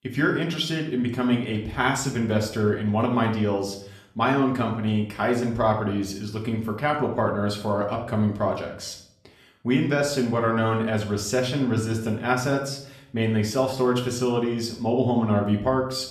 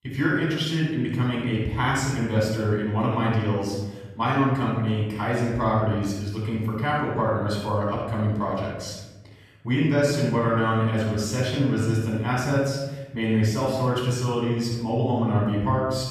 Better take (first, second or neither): first